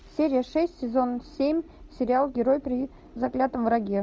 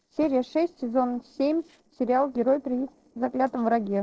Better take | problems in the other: first | noise reduction (neural separator model SepFormer DNS4)

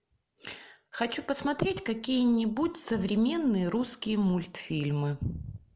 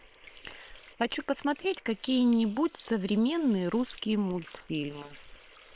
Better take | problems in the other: first | noise reduction (neural separator model SepFormer WHAM!)

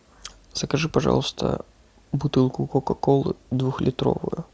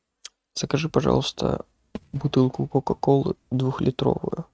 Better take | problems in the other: first | noise reduction (neural mask model RNNoise)

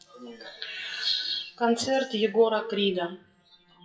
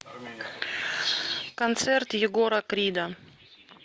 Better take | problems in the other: second | noise reduction (classical method WPE with log-MMSE)

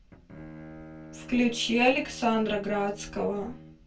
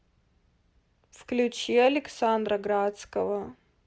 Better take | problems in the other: second | background sound (Bowed string instrument); 17 dB below the speech // room echo; dies away in 0.2 s

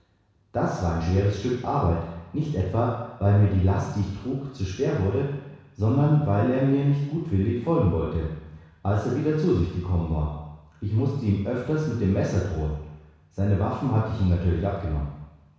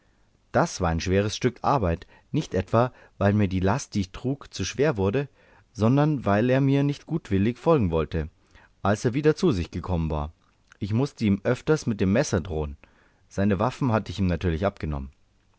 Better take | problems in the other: second | room echo; dies away in 1.1 s

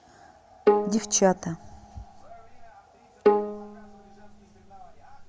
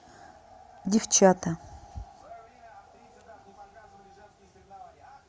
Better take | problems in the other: second | background sound (Bowed string instrument); 3 dB above the speech

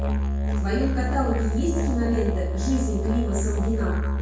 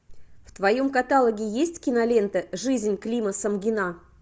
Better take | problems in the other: second | background sound (Musical instrument); 3 dB above the speech // room echo; dies away in 0.6 s

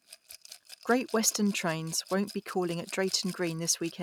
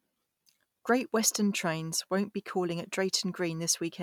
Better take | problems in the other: second | background sound (Rattle / Glass); 20 dB below the speech

